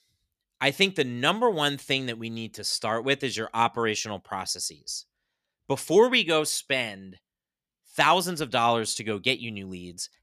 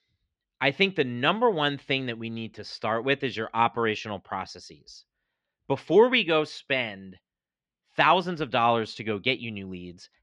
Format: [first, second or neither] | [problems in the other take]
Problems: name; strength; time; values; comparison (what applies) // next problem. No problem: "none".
first | muffled; slightly; fading above 3.5 kHz